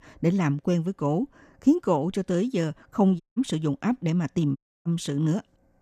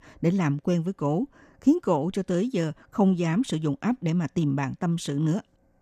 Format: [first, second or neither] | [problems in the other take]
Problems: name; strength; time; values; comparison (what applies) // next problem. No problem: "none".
second | audio cutting out; at 3 s and at 4.5 s